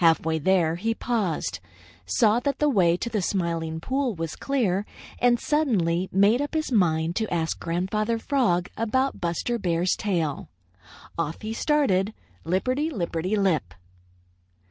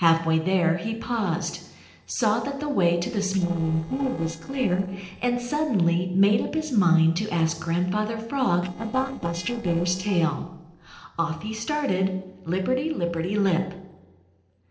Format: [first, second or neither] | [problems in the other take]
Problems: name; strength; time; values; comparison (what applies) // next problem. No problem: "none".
first | noise reduction (neural separator model SepFormer DNS4)